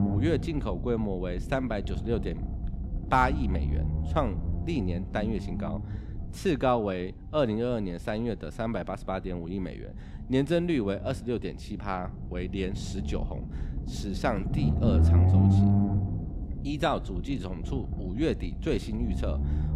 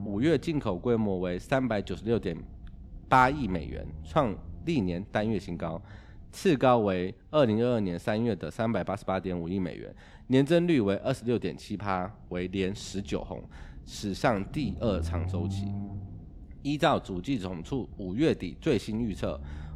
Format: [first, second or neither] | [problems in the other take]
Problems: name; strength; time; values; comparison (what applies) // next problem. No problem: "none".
second | low rumble; loud; throughout; 9 dB below the speech; faint in the second